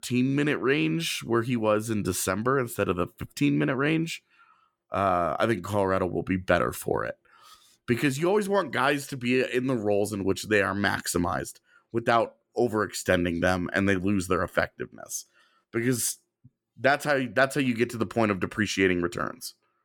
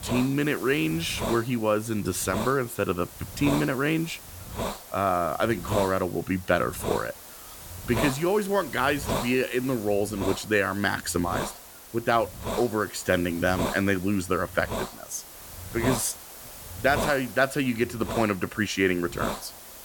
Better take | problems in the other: first | hiss; loud; throughout; 9 dB below the speech

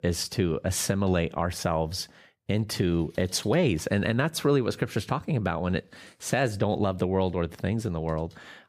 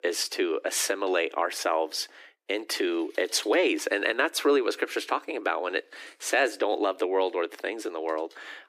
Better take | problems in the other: first | thin; very; fading below 300 Hz

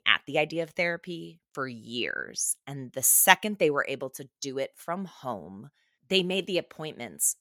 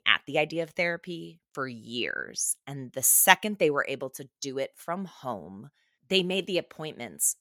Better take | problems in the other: neither | none

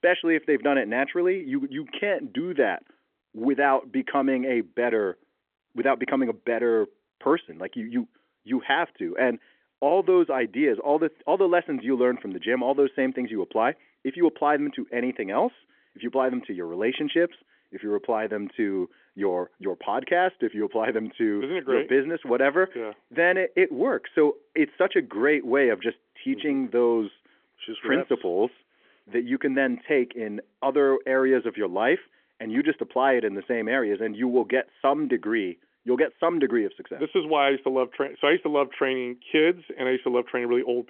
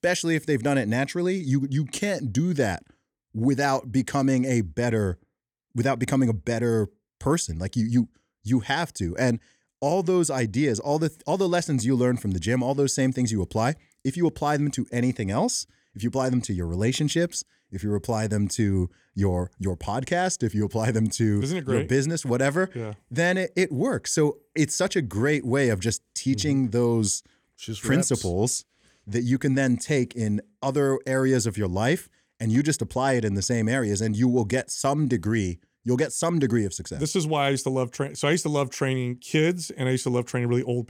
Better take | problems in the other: second | phone-call audio; nothing above 3 kHz

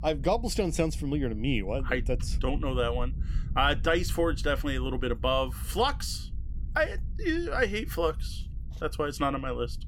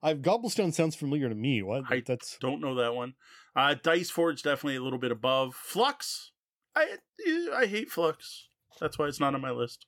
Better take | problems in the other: second | low rumble; faint; throughout; 25 dB below the speech

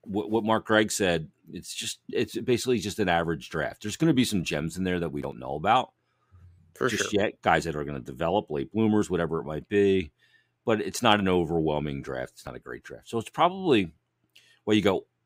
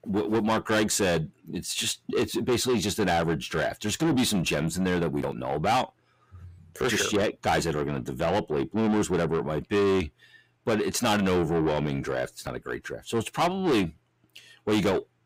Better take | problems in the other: first | distortion; heavy; 6 dB below the speech

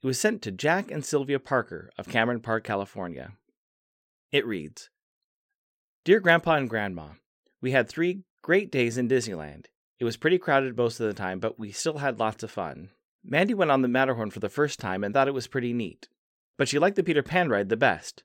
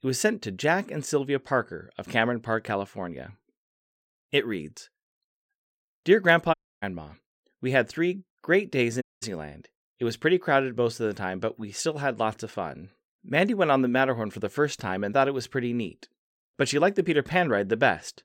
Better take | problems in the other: first | audio cutting out; at 6.5 s and at 9 s

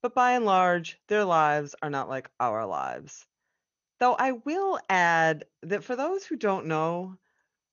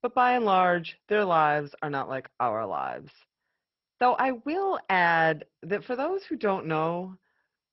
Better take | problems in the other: first | garbled, watery; badly; nothing above 5.5 kHz; slightly in the first

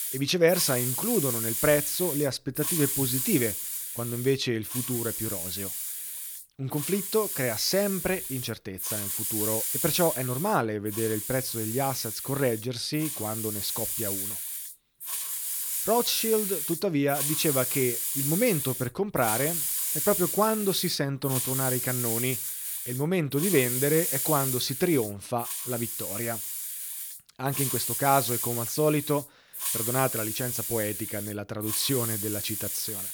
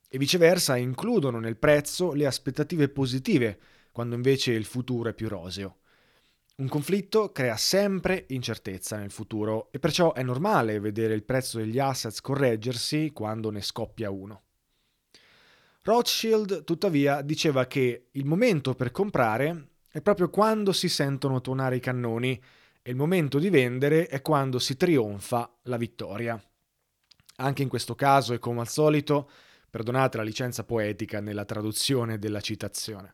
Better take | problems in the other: second | hiss; loud; throughout; 1 dB below the speech

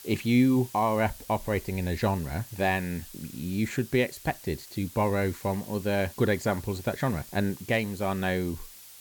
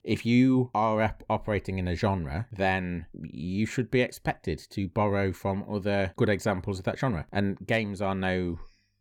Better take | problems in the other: second | hiss; noticeable; throughout; 15 dB below the speech

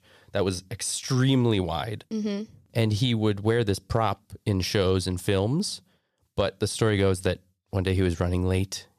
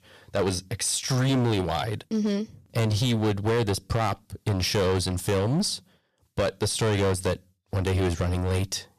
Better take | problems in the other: first | distortion; heavy; 15% of the sound clipped

